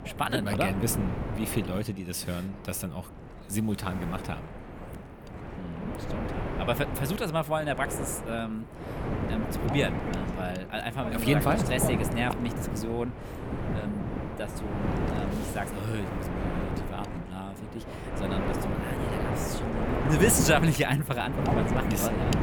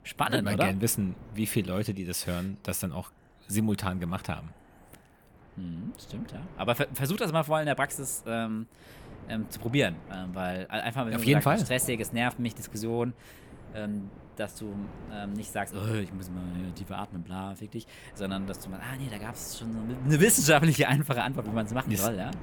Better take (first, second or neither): second